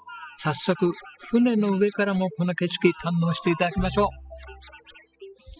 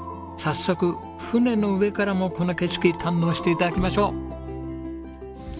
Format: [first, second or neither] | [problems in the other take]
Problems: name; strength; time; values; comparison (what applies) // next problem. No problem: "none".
second | noise reduction (classical method spectral subtraction)